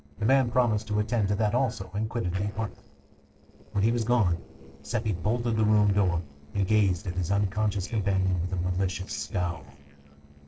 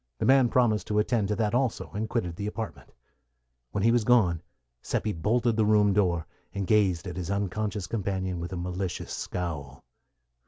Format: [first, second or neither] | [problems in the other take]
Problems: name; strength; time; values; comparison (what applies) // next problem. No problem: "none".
second | noise reduction (neural separator model SepFormer DNS4)